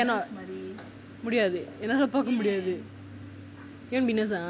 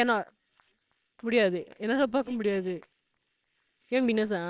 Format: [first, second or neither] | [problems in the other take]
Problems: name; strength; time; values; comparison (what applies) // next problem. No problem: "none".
first | noise reduction (neural separator model SepFormer WHAMR!)